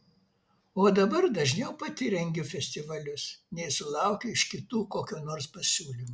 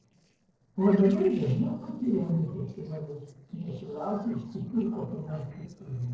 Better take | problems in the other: first | noise reduction (neural separator model SepFormer DNS4)

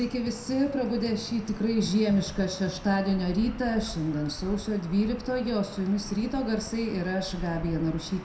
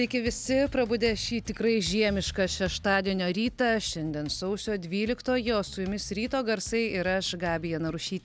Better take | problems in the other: second | background sound (Gull, seagull / Ocean); 13 dB below the speech // room echo; dies away in 0.6 s

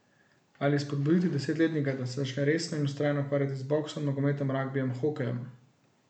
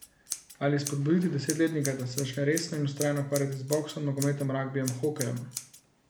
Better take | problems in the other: first | background sound (Scissors); 13 dB below the speech

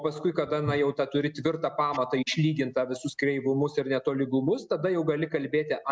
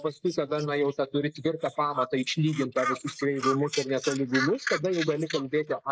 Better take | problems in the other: first | noise reduction (neural mask model Resemble Enhance denoiser)

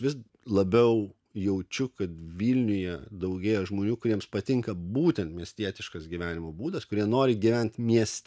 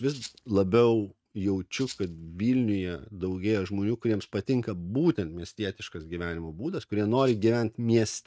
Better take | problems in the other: first | noise reduction (neural mask model RNNoise)

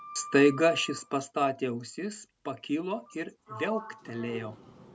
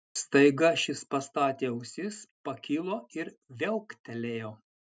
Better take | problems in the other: second | background sound (Sliding door); 16 dB below the speech

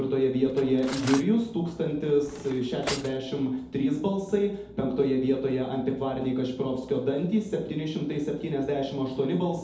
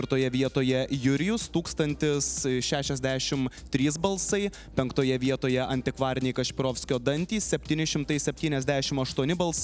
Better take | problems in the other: second | background sound (Cutlery, silverware); 13 dB below the speech // room echo; dies away in 2.1 s

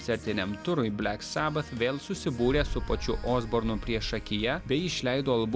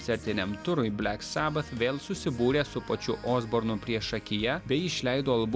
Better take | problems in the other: second | background sound (Boom); 8 dB below the speech

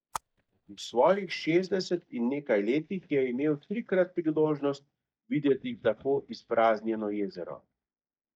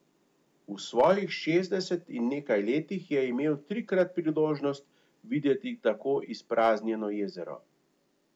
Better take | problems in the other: second | noise reduction (neural mask model DeepFilterNet 3)

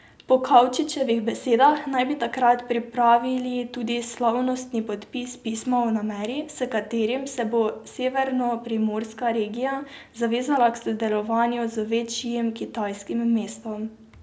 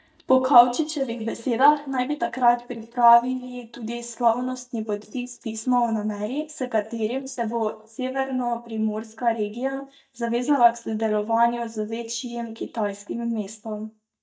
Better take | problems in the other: first | noise reduction (neural mask model DeepFilterNet 3)

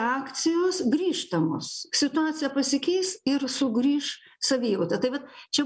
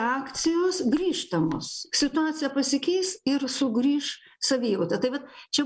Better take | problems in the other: first | noise reduction (neural separator model SepFormer DNS4)

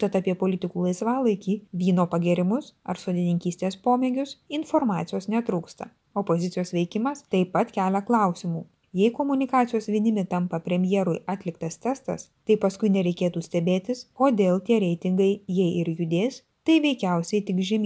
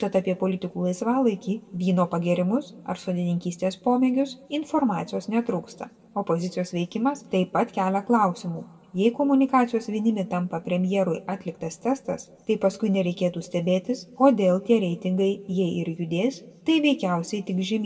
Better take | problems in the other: first | room echo; dies away in 1.9 s

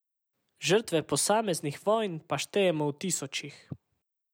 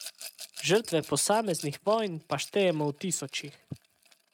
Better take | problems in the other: first | noise reduction (neural mask model RNNoise)

